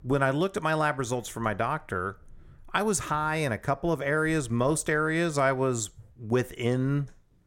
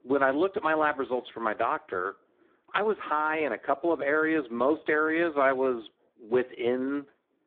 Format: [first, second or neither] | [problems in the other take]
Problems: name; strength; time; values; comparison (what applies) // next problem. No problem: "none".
first | phone-call audio; poor line